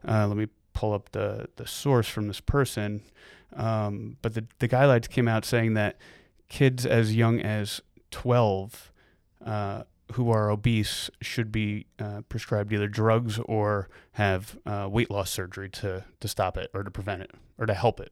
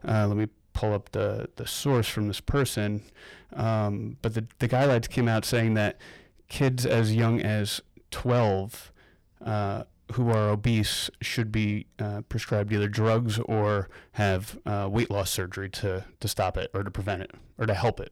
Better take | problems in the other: first | distortion; slight; 10 dB below the speech

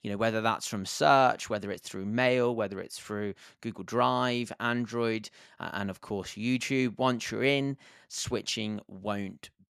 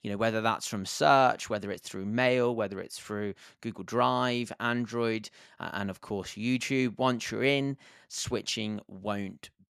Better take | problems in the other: neither | none

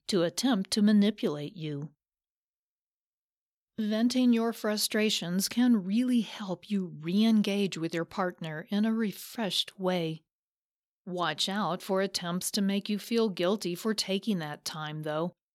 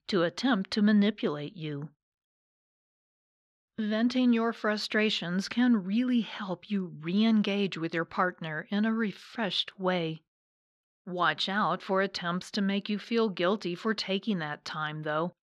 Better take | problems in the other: first | muffled; very slightly; fading above 3.5 kHz

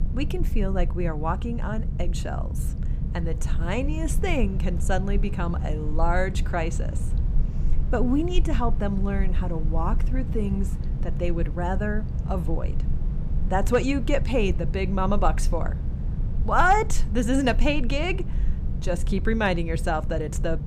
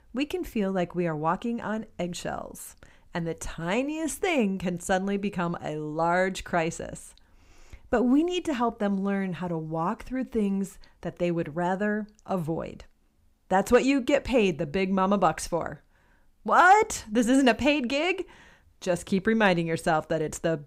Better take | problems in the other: second | low rumble; noticeable; throughout; 15 dB below the speech

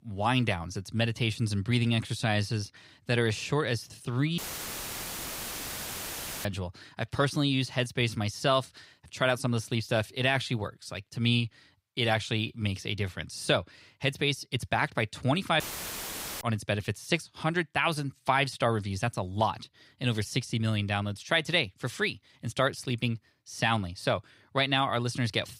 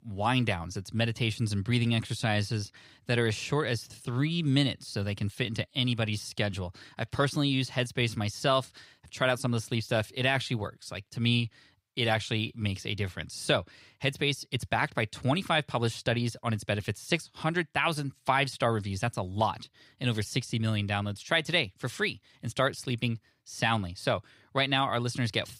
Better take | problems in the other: second | audio cutting out; filled with static; at 4.5 s for 2 s and at 16 s for 1 s

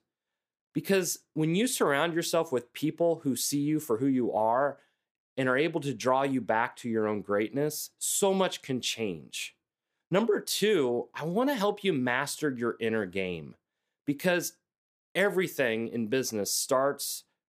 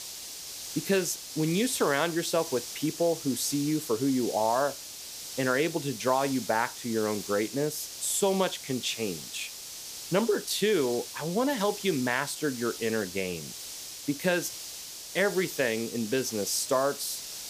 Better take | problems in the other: first | hiss; loud; throughout; 9 dB below the speech

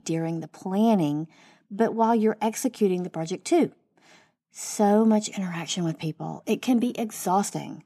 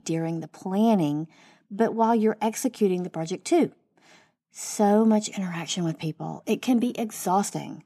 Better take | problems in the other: neither | none

